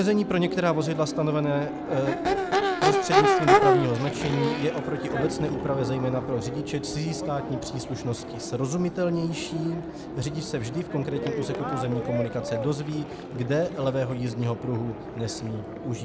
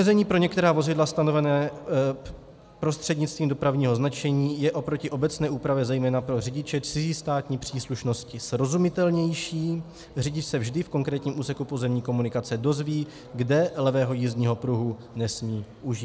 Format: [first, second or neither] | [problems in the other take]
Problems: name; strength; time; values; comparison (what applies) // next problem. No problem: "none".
second | background sound (Crowd / Race car, auto racing / Accelerating, revving, vroom); as loud as the speech